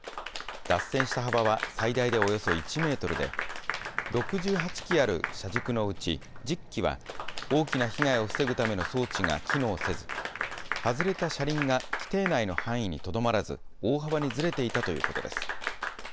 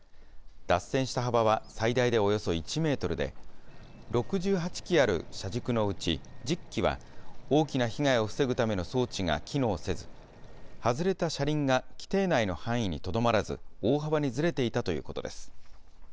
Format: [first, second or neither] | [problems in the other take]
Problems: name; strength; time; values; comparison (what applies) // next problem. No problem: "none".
second | background sound (Applause / Clapping); 6 dB below the speech